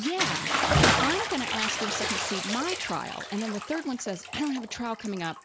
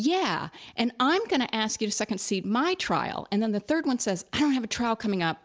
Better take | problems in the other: second | background sound (Bathtub (filling or washing) / Splash, splatter); 3 dB above the speech

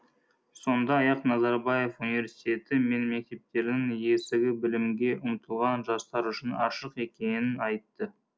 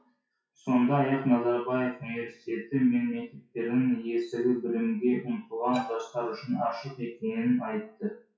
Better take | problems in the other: first | noise reduction (classical method WPE with log-MMSE)

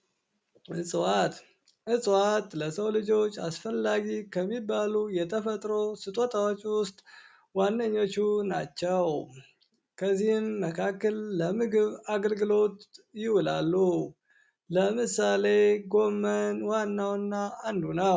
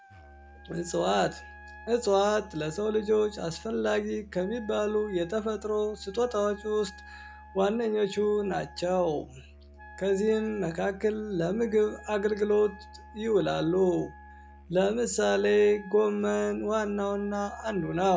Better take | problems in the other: first | background sound (Musical instrument + Wind instrument, woodwind instrument); 20 dB below the speech

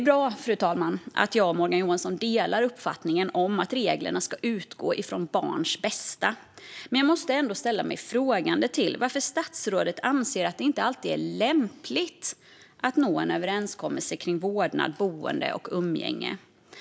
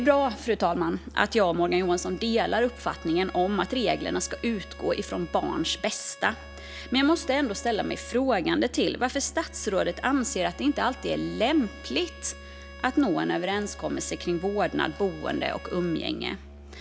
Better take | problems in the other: first | background sound (Bowed string instrument + Musical instrument); 16 dB below the speech

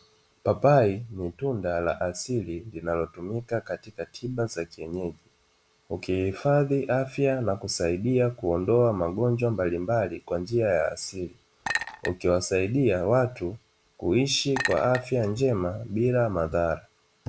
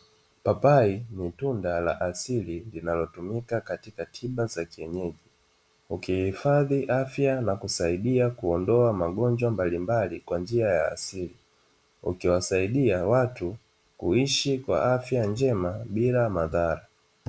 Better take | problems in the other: second | background sound (Chink, clink); 9 dB below the speech

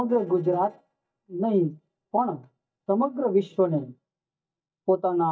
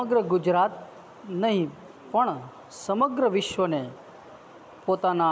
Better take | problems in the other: second | noise reduction (neural mask model DeepFilterNet 3)

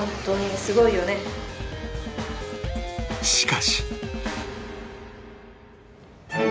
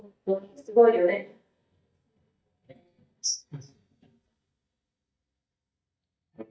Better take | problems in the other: first | noise reduction (neural mask model DeepFilterNet 3)

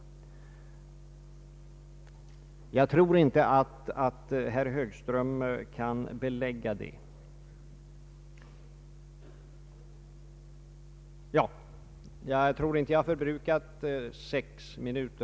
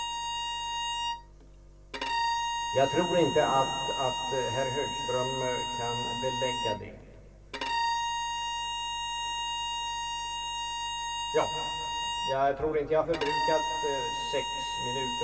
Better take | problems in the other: first | background sound (Bowed string instrument); as loud as the speech // room echo; dies away in 2.2 s

